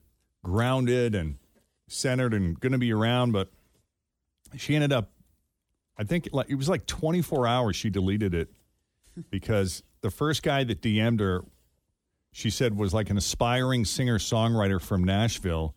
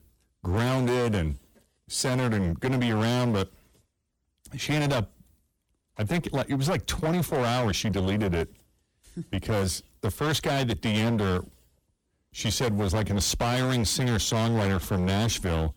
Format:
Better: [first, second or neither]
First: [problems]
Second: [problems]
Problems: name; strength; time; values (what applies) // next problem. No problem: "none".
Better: first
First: none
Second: distortion; heavy; 23% of the sound clipped